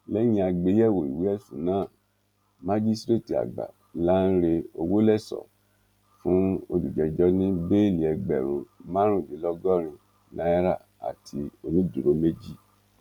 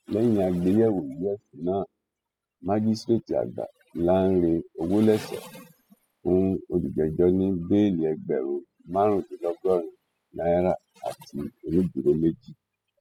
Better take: first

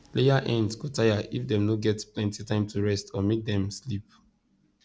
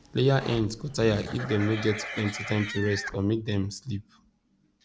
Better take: first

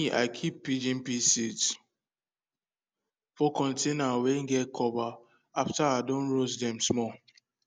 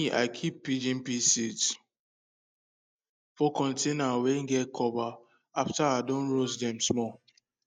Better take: first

